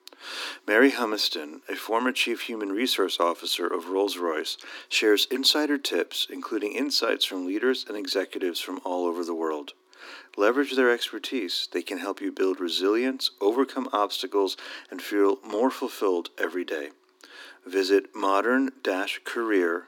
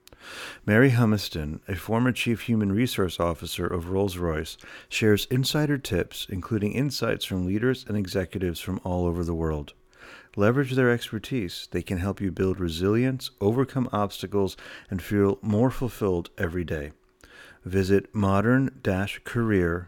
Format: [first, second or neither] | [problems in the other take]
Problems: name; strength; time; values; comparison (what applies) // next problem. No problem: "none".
second | thin; somewhat; fading below 250 Hz